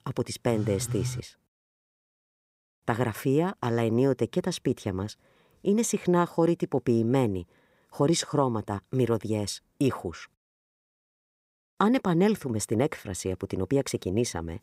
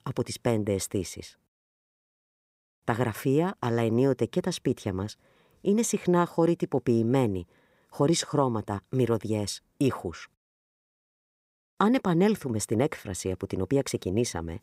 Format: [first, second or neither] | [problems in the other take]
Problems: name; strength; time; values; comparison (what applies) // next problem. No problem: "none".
second | phone ringing; noticeable; at 0.5 s; peak 6 dB below the speech